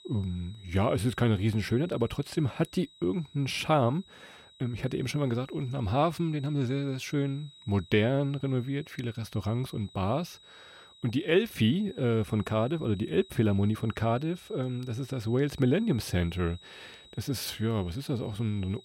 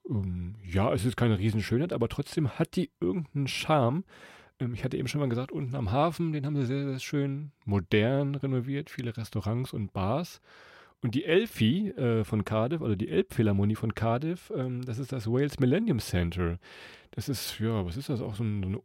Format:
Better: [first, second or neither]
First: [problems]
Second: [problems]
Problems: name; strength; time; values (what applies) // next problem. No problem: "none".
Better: second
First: high-pitched whine; faint; throughout; 4 kHz, 25 dB below the speech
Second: none